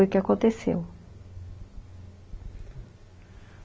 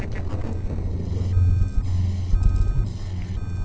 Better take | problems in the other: first | noise reduction (neural separator model SepFormer DNS4)

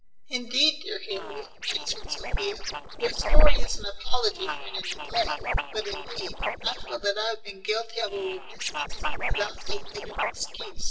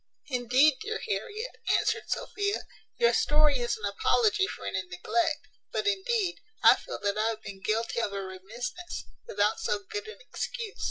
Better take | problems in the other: second | noise reduction (neural separator model SepFormer DNS4)

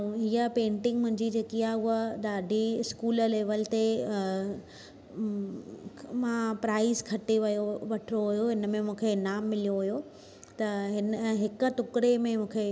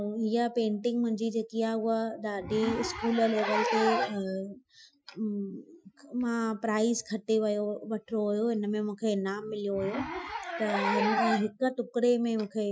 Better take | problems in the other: first | noise reduction (classical method Wiener filter)

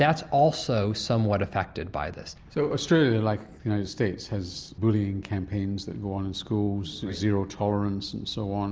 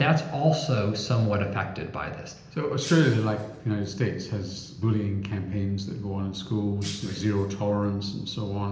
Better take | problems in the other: first | background sound (Shatter); 18 dB below the speech // room echo; dies away in 0.8 s

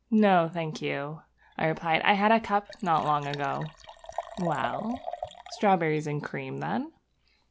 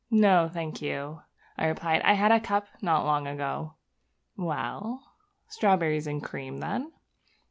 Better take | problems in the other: second | background sound (Liquid); 15 dB below the speech

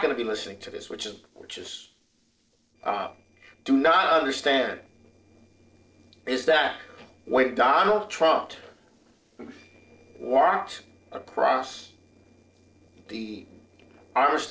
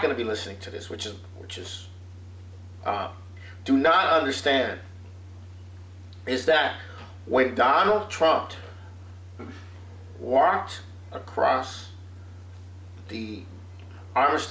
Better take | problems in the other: second | noise reduction (neural separator model SepFormer DNS4)

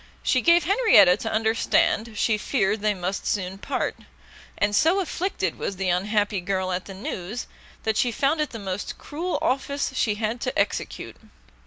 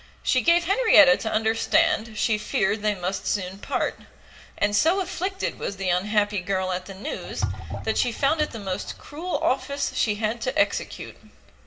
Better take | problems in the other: first | background sound (Liquid); 8 dB below the speech // room echo; dies away in 1.9 s

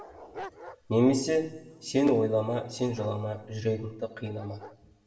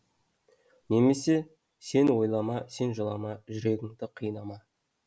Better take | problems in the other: second | background sound (Dog); 20 dB below the speech // room echo; dies away in 1 s

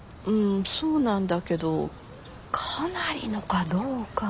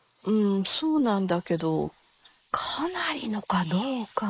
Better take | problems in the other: first | noise reduction (neural mask model Resemble Enhance denoiser)

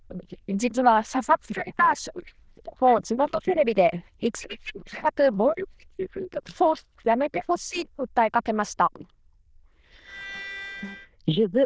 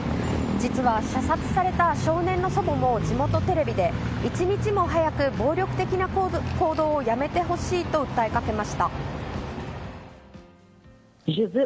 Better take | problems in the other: second | noise reduction (neural diffusion model UNIVERSE++)

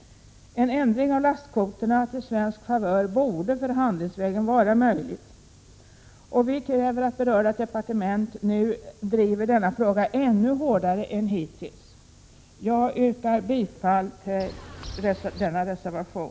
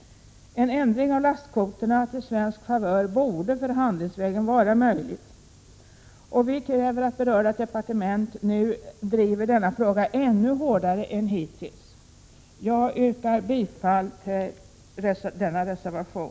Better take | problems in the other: second | background sound (Bird); 15 dB below the speech

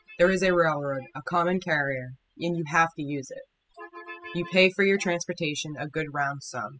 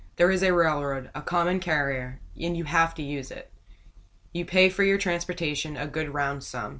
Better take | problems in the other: second | noise reduction (classical method spectral subtraction)

